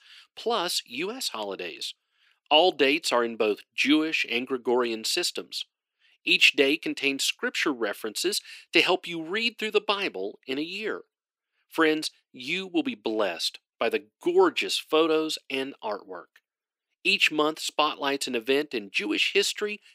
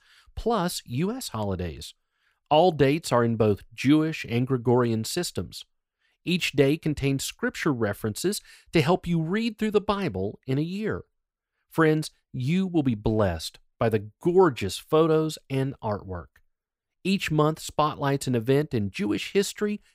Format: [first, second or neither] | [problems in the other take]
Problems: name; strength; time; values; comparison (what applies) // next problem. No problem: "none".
second | thin; somewhat; fading below 300 Hz